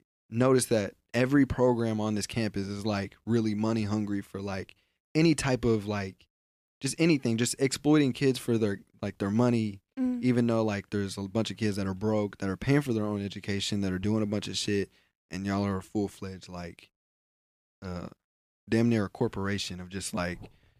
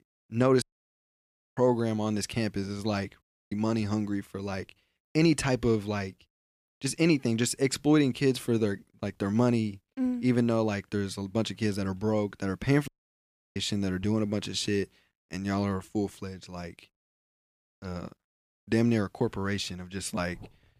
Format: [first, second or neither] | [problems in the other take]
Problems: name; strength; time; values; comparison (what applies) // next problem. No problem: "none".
first | audio cutting out; at 0.5 s for 1 s, at 3 s and at 13 s for 0.5 s